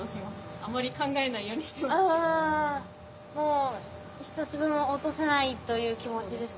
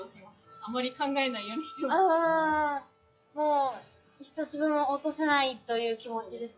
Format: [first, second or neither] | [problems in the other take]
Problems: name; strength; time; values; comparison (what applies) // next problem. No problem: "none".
first | noise reduction (classical method log-MMSE)